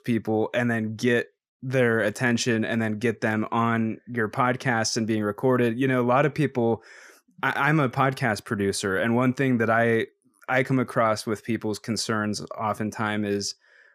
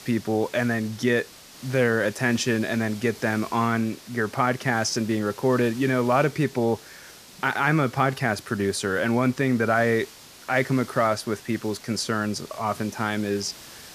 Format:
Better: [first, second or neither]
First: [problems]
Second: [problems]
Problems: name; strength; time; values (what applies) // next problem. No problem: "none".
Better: first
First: none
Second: hiss; noticeable; throughout; 20 dB below the speech